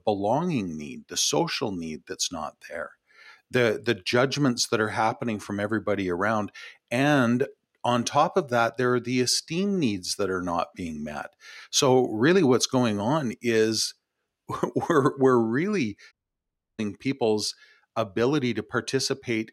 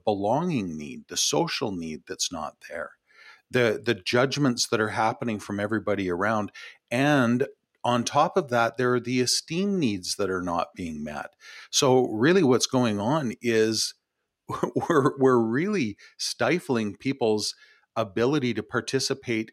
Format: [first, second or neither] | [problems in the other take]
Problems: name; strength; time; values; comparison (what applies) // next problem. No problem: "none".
second | audio cutting out; at 16 s for 0.5 s